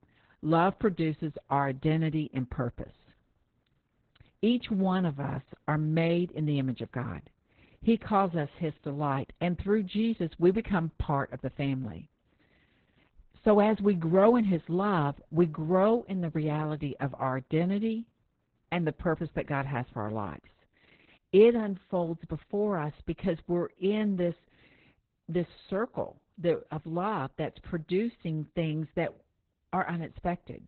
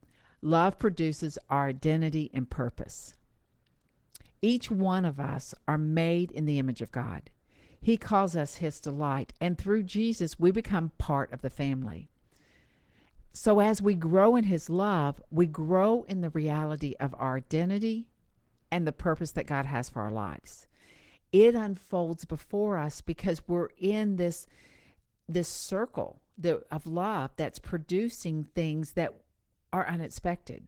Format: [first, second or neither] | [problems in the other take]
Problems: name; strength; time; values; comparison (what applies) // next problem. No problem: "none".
second | garbled, watery; badly; slightly in the second